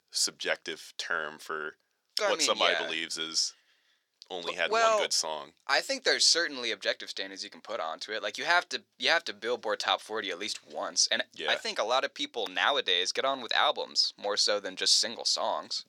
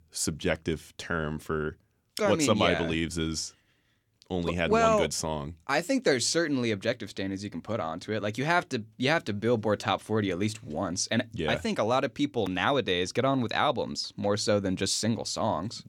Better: second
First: thin; very; fading below 600 Hz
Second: none

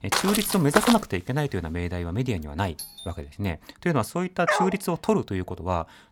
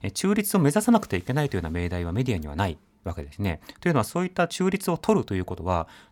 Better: second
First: footsteps; loud; at the start; peak 2 dB above the speech // doorbell; faint; at 3 s; peak 10 dB below the speech // dog barking; loud; at 4.5 s; peak 2 dB above the speech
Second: none

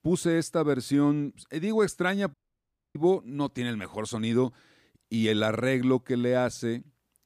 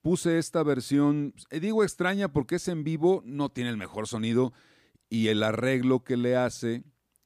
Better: second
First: audio cutting out; at 2.5 s for 0.5 s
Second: none

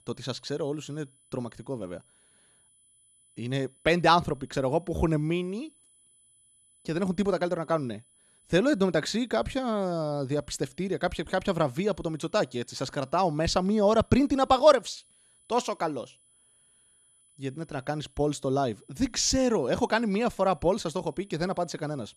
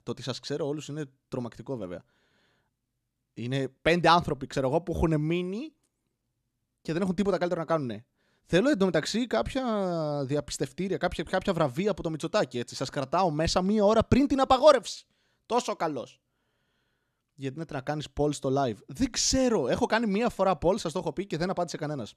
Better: second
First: high-pitched whine; faint; throughout; 10 kHz, 30 dB below the speech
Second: none

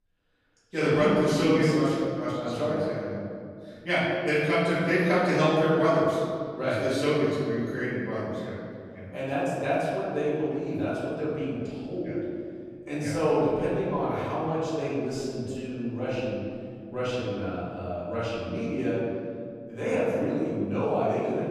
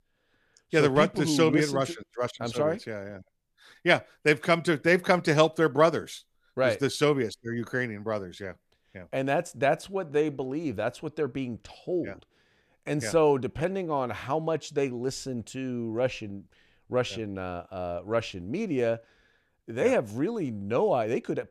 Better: second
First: off-mic speech; far // room echo; strong; dies away in 2.3 s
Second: none

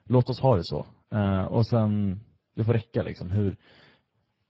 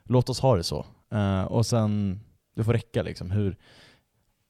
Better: second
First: garbled, watery; badly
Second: none

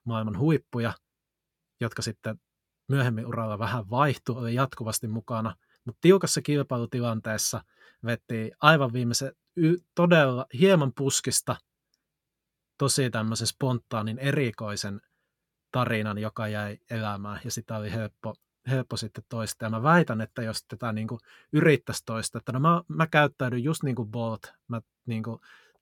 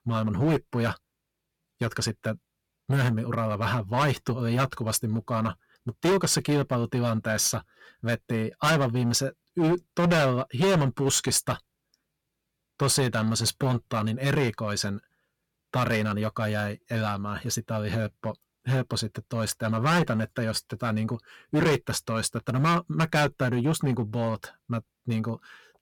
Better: first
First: none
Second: distortion; heavy; 8% of the sound clipped

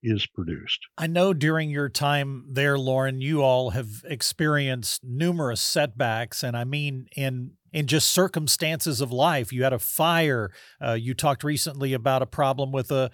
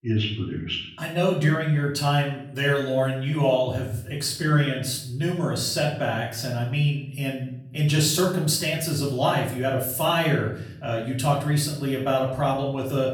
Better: first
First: none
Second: room echo; noticeable; dies away in 0.6 s // off-mic speech; far

